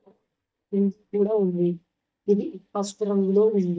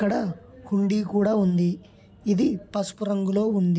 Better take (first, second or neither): second